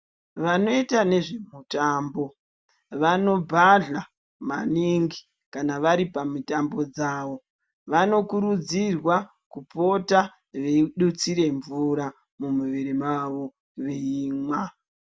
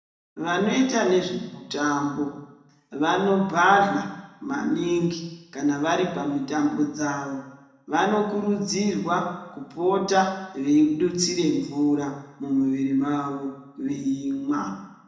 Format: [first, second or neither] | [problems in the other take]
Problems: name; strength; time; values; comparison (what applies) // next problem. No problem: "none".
first | room echo; dies away in 0.9 s